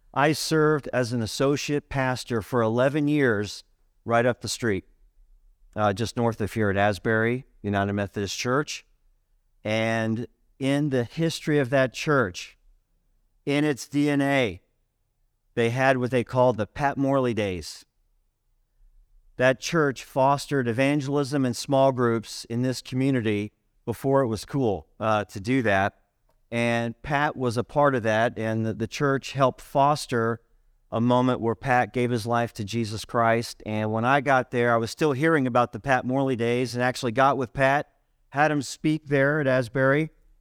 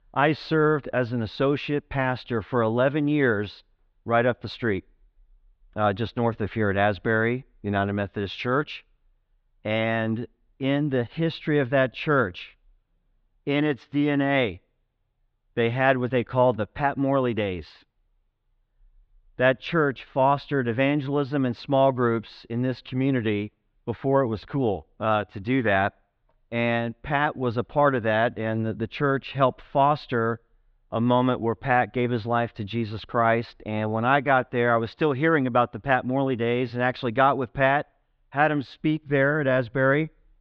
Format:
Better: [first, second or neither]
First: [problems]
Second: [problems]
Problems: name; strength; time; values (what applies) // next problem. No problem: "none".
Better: first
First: none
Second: muffled; slightly; fading above 3.5 kHz